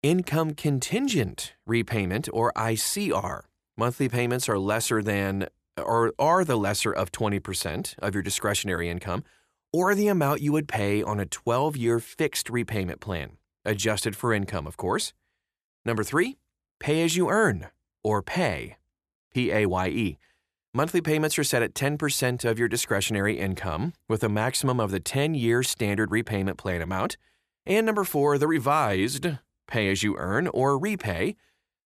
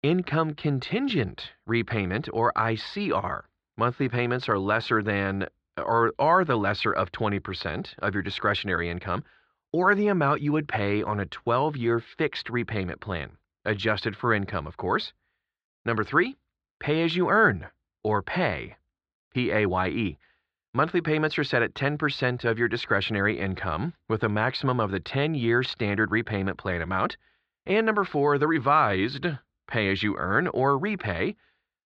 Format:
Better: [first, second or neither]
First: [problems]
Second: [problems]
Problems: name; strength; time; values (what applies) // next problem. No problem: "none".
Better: first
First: none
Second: muffled; slightly; fading above 4 kHz